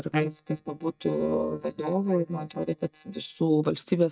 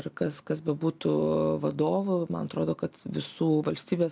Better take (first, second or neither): second